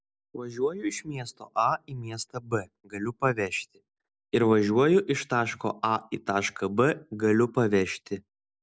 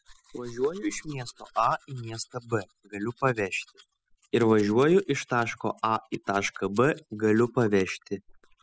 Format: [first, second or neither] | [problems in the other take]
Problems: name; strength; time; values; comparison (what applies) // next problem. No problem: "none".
first | noise reduction (classical method spectral subtraction)